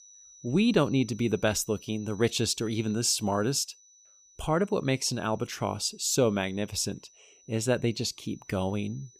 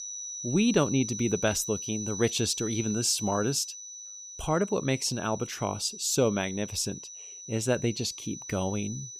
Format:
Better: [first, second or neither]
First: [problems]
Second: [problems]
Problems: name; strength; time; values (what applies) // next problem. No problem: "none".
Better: first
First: high-pitched whine; faint; throughout; 6 kHz, 25 dB below the speech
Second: high-pitched whine; loud; throughout; 6 kHz, 9 dB below the speech